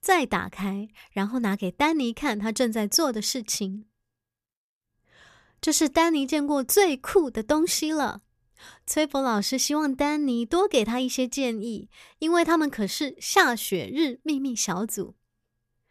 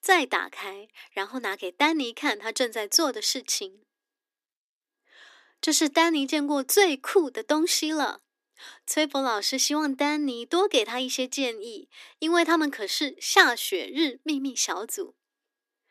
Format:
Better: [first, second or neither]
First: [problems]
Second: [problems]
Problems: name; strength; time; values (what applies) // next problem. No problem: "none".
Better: first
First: none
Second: thin; very slightly; fading below 250 Hz